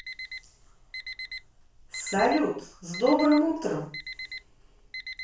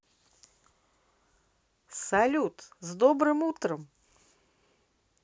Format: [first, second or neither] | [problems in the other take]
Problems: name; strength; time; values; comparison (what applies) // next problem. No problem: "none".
second | background sound (Alarm); 12 dB below the speech // room echo; dies away in 0.4 s